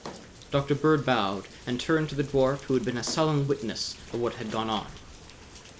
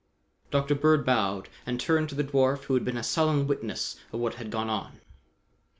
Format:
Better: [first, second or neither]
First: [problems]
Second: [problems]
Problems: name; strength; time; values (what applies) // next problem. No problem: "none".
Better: second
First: background sound (Rain + Drawer open or close); 17 dB below the speech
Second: none